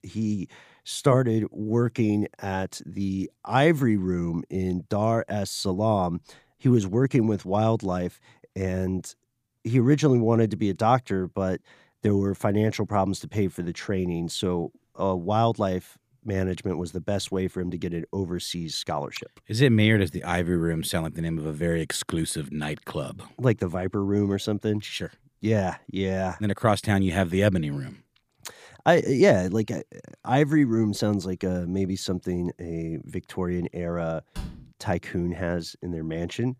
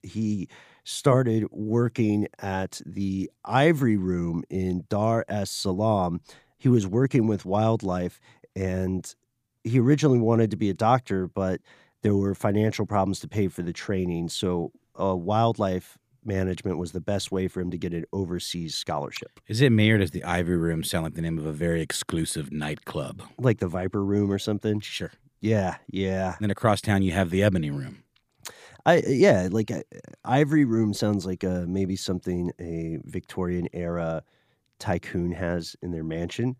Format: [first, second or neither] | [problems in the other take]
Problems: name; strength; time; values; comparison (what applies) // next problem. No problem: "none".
second | door banging; faint; at 34 s; peak 15 dB below the speech